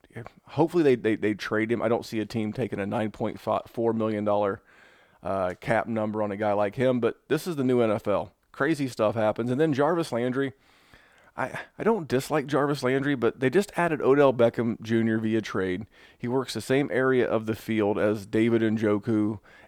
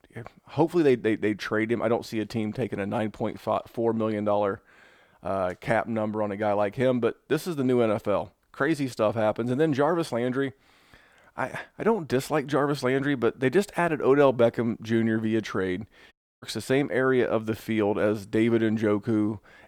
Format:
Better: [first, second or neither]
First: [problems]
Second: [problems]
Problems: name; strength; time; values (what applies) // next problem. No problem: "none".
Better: first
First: none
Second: audio cutting out; at 16 s